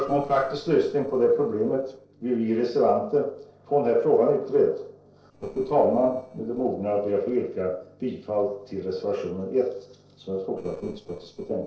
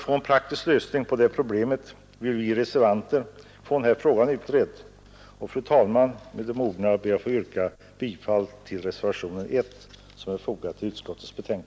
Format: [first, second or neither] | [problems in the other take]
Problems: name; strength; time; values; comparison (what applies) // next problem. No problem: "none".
second | noise reduction (neural separator model SepFormer DNS4)